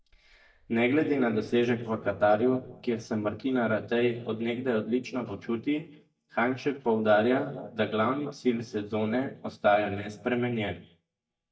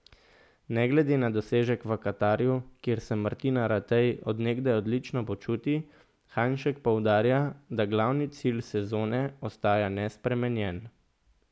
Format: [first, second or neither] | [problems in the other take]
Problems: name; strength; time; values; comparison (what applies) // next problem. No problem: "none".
second | noise reduction (neural mask model DeepFilterNet 3)